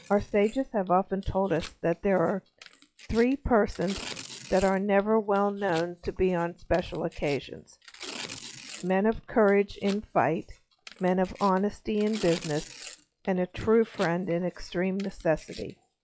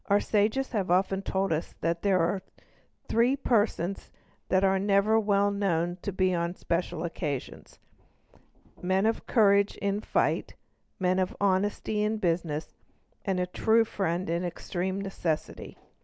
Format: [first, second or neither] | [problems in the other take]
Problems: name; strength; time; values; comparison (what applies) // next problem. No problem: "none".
second | noise reduction (classical method log-MMSE)